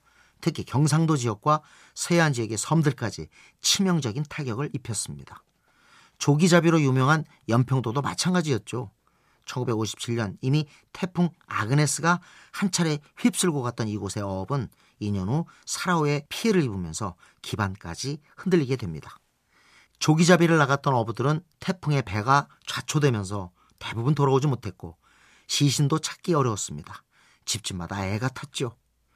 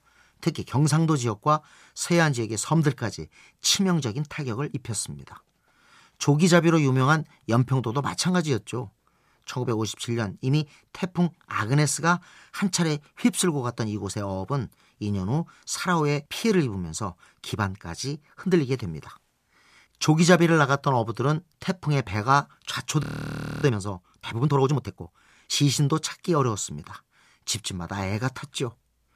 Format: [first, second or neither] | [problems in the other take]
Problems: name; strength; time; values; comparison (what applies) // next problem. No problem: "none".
first | audio freezing; at 23 s for 0.5 s